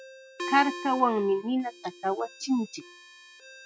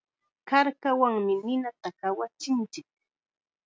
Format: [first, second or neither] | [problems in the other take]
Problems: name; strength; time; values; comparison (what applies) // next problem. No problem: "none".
second | noise reduction (classical method log-MMSE)